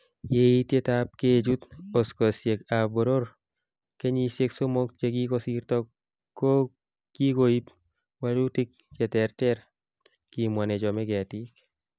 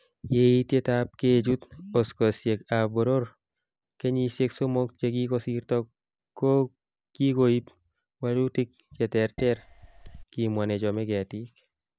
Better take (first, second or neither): first